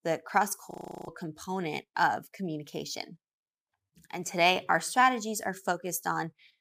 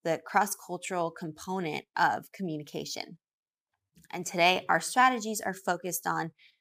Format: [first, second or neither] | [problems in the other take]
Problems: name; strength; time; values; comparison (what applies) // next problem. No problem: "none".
second | audio freezing; at 0.5 s